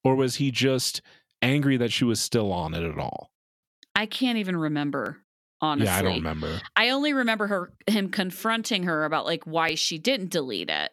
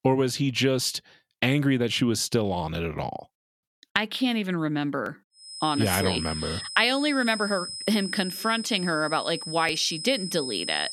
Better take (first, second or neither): first